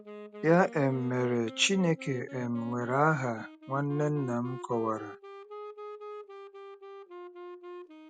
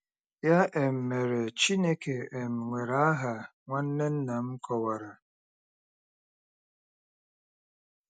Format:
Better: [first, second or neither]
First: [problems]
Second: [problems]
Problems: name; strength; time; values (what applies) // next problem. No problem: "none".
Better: second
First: background sound (Wind instrument, woodwind instrument); 14 dB below the speech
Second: none